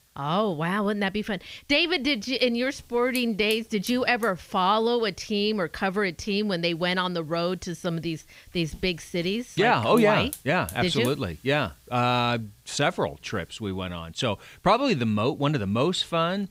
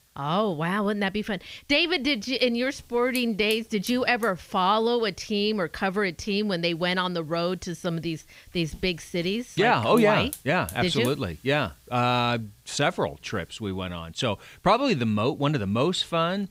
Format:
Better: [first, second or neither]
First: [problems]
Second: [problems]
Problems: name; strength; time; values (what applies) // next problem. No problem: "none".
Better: neither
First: hiss; faint; throughout; 20 dB below the speech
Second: hiss; faint; throughout; 20 dB below the speech